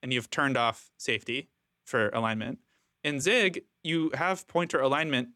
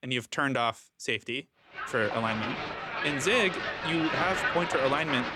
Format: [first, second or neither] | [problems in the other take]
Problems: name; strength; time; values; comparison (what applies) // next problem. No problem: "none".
first | crowd noise; loud; from 2 s on; 3 dB below the speech